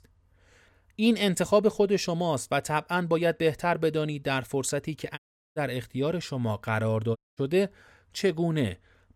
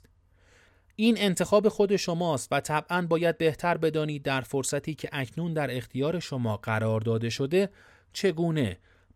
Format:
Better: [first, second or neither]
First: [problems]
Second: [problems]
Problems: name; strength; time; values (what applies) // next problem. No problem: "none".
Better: second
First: audio cutting out; at 5 s and at 7 s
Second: none